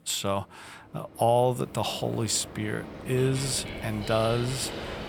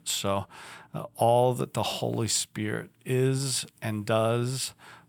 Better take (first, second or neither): second